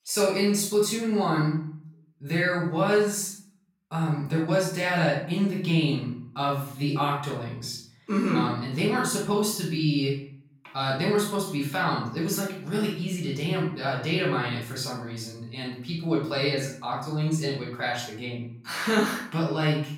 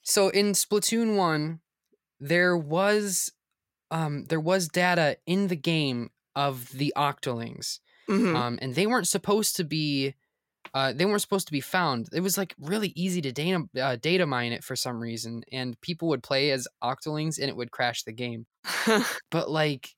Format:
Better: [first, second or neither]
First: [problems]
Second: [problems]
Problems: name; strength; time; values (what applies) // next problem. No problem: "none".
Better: second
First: room echo; noticeable; dies away in 0.6 s // off-mic speech; far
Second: none